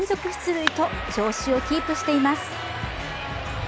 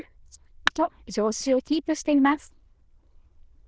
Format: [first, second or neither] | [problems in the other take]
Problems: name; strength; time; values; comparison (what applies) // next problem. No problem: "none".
first | noise reduction (neural diffusion model UNIVERSE++)